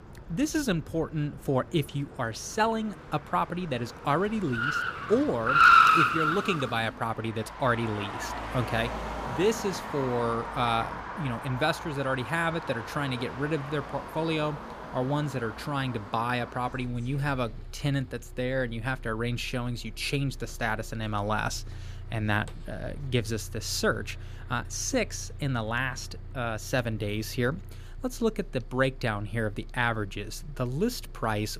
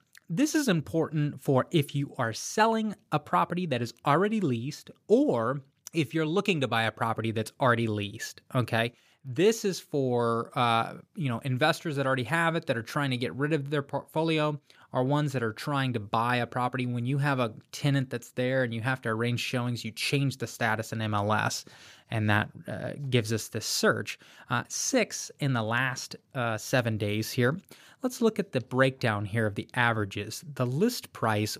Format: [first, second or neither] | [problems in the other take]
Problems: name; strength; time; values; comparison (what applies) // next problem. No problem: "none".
second | traffic noise; very loud; throughout; 2 dB above the speech